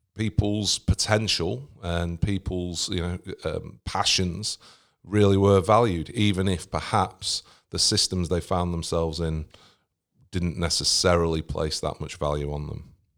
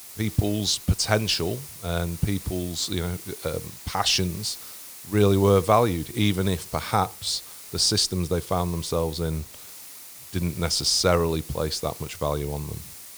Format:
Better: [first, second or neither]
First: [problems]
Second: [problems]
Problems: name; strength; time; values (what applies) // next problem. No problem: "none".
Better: first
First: none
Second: hiss; noticeable; throughout; 15 dB below the speech